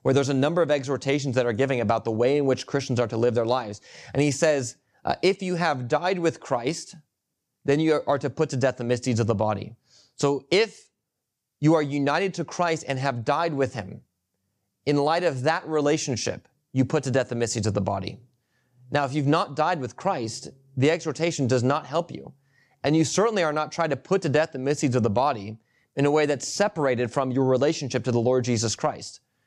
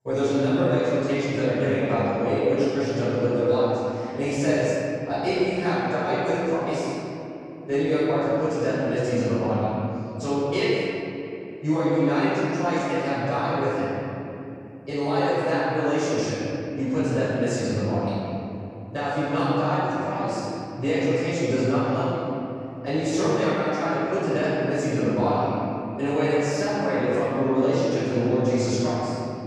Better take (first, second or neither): first